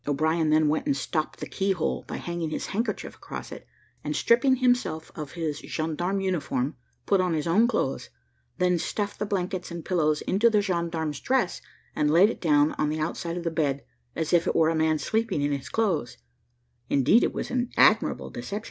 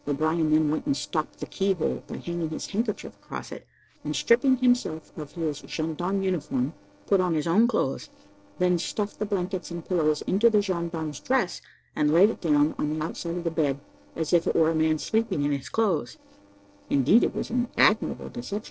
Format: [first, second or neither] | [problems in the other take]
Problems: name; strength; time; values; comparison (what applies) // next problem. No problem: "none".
first | noise reduction (neural separator model SepFormer DNS4)